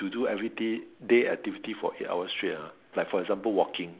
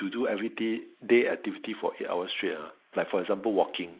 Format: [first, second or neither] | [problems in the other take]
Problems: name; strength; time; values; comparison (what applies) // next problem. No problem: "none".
first | noise reduction (neural mask model Resemble Enhance denoiser)